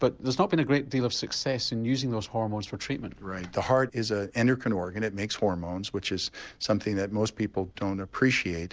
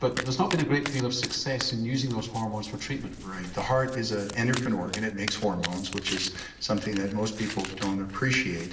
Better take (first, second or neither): first